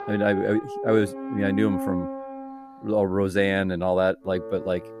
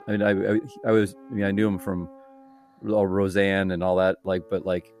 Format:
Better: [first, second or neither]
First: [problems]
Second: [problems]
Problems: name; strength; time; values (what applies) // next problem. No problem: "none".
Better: second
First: background music; loud; throughout; 9 dB below the speech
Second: background music; faint; throughout; 20 dB below the speech